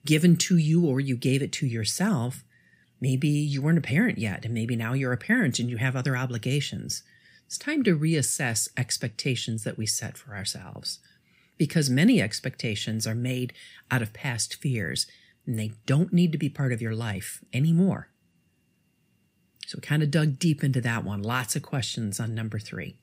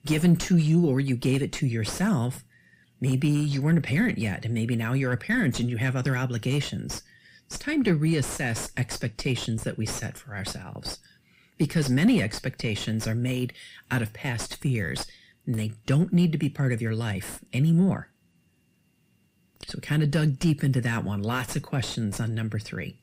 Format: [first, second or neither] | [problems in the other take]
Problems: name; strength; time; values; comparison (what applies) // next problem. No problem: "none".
first | distortion; slight; 9 dB below the speech